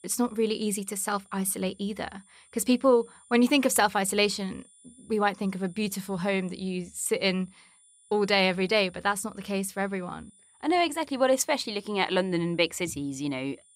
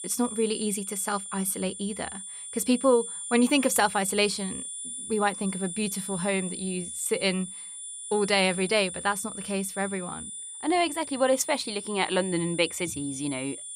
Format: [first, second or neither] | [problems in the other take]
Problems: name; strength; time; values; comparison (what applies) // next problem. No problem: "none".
first | high-pitched whine; loud; throughout; 9.5 kHz, 8 dB below the speech; faint in the first